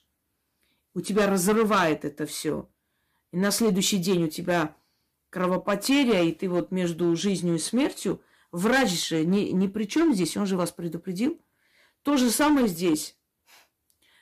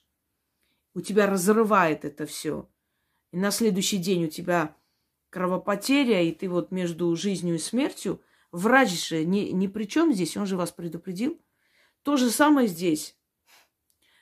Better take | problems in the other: second | distortion; slight; 6% of the sound clipped

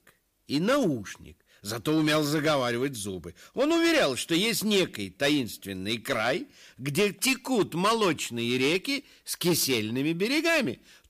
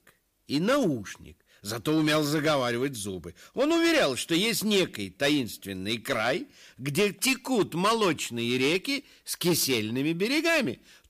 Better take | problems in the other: neither | distortion; slight; 6% of the sound clipped; the same in both

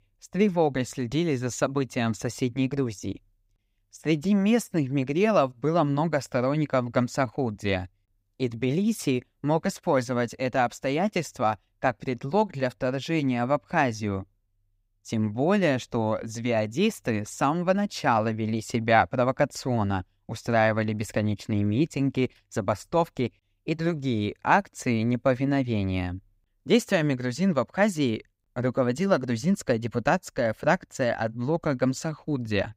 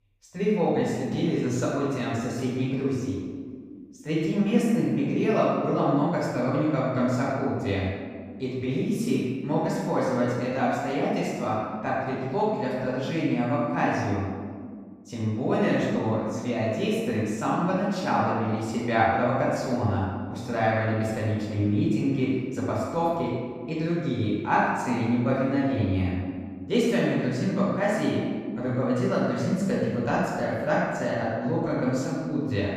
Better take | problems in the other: first | room echo; strong; dies away in 1.6 s // off-mic speech; far

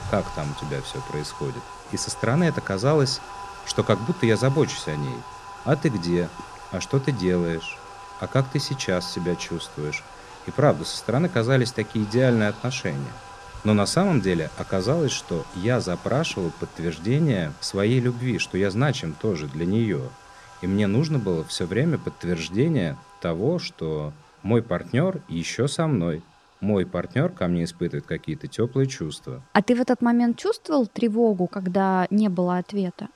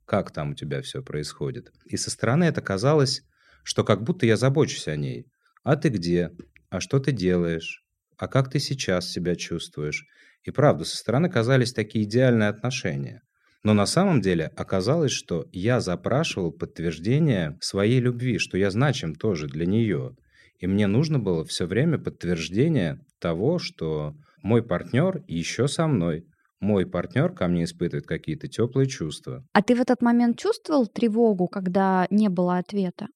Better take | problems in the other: second | household noises; noticeable; throughout; 15 dB below the speech

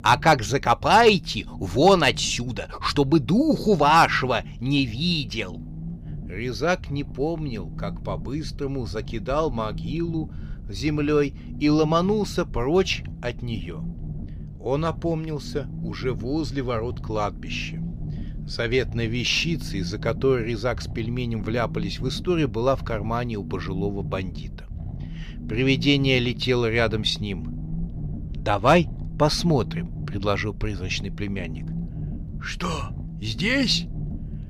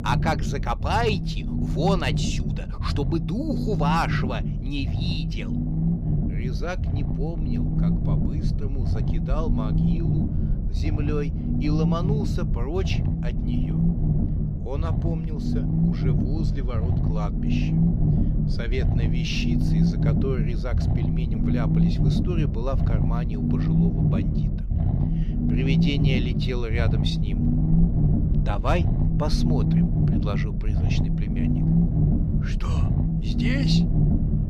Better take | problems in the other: first | low rumble; loud; throughout; 2 dB below the speech; faint in the first

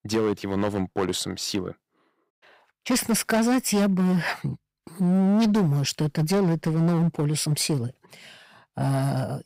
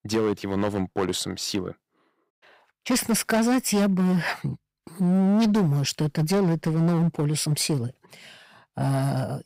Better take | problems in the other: neither | distortion; slight; 11% of the sound clipped; the same in both

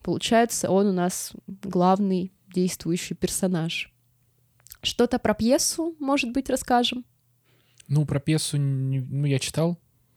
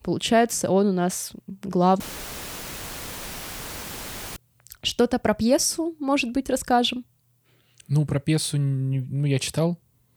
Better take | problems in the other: first | audio cutting out; filled with static; at 2 s for 2.5 s

